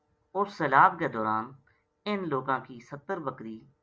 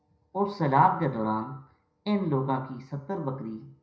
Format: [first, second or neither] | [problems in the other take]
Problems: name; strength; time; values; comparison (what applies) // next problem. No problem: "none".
first | room echo; dies away in 0.5 s